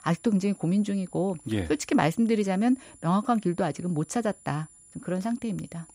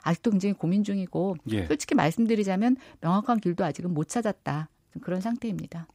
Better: second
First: high-pitched whine; faint; throughout; 10 kHz, 25 dB below the speech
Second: none

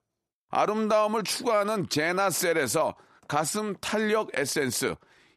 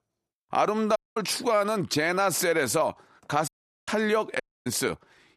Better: first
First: none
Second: audio cutting out; at 1 s, at 3.5 s and at 4.5 s

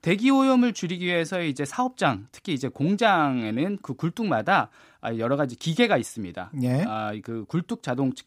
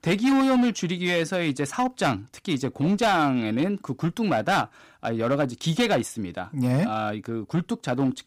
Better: first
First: none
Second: distortion; slight; 8% of the sound clipped

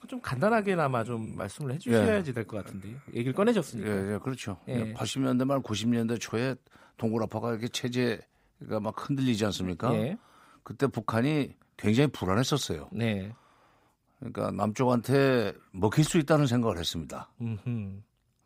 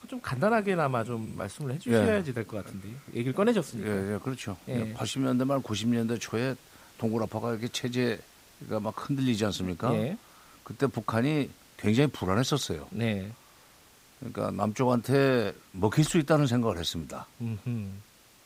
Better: first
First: none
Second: hiss; faint; throughout; 25 dB below the speech

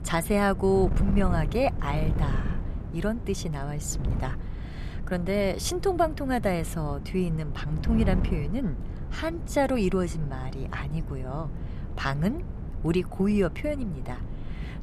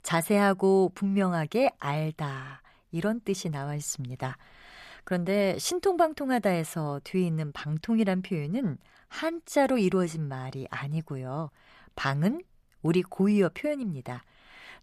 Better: second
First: wind noise on the microphone; occasional gusts; 15 dB below the speech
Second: none

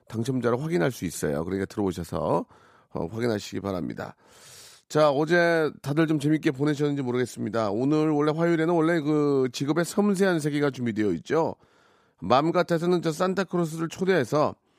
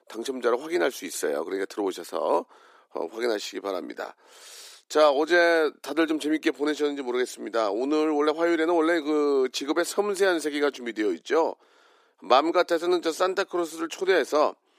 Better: first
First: none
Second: thin; somewhat; fading below 300 Hz

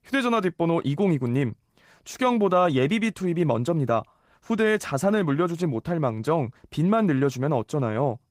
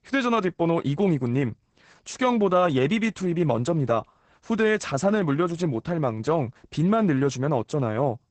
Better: first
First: garbled, watery; slightly; nothing above 15.5 kHz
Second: garbled, watery; badly; nothing above 8 kHz

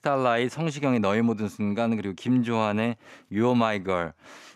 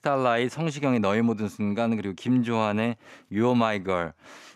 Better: neither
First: none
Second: none

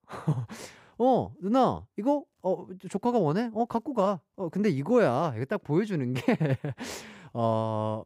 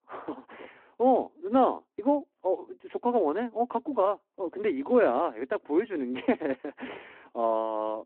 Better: first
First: none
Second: phone-call audio

